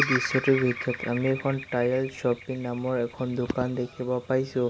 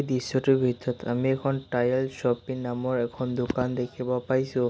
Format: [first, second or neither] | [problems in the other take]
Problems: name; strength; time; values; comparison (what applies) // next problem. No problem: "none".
second | background sound (Bird vocalization, bird call, bird song); 9 dB below the speech